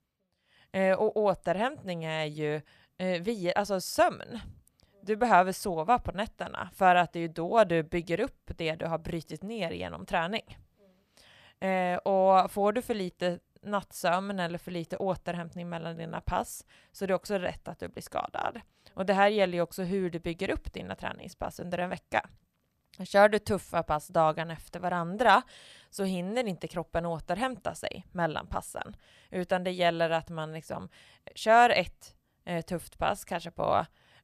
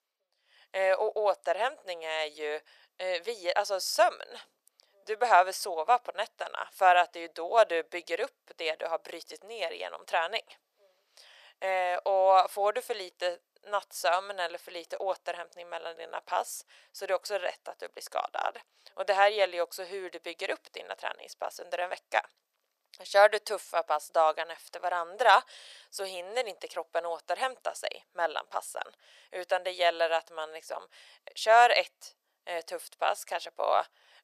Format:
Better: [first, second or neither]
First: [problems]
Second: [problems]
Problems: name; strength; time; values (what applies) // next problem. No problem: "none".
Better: first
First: none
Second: thin; very; fading below 450 Hz